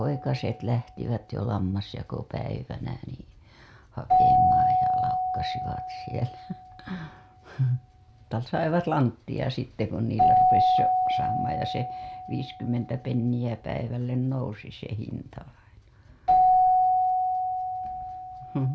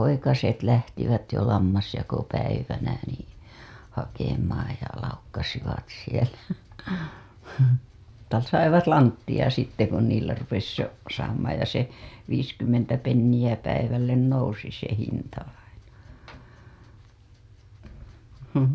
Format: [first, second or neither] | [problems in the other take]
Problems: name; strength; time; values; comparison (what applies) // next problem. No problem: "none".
second | background sound (Keyboard (musical)); 4 dB above the speech